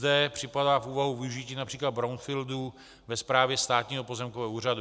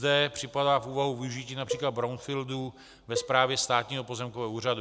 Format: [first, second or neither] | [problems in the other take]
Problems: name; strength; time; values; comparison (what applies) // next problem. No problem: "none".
first | background sound (Cowbell); 11 dB below the speech